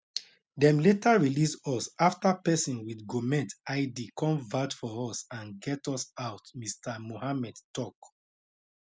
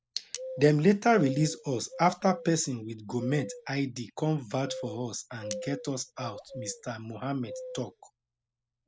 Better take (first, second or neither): first